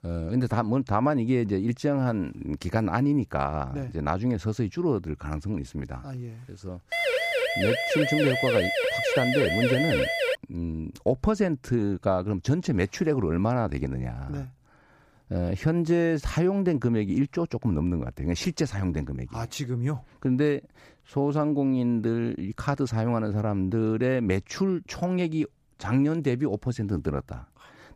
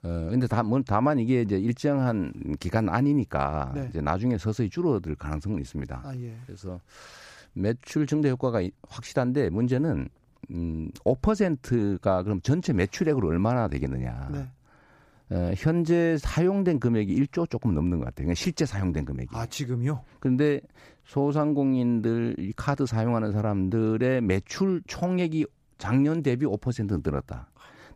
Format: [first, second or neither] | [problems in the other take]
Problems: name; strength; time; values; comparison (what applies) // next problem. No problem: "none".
second | siren; loud; from 7 to 10 s; peak 2 dB above the speech